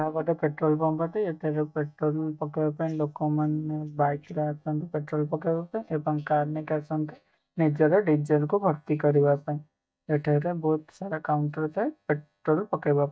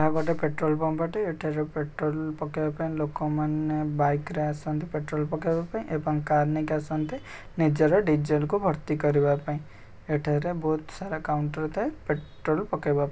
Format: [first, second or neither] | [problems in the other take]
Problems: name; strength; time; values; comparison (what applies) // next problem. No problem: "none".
second | noise reduction (neural mask model DeepFilterNet 3)